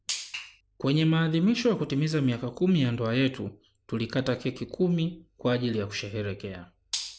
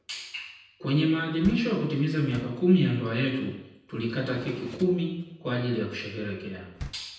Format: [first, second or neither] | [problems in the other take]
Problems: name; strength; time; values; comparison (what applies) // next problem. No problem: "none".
first | background sound (Door); 20 dB below the speech // room echo; dies away in 0.9 s